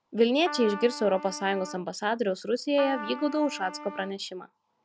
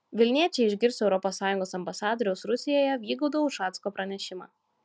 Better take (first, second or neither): second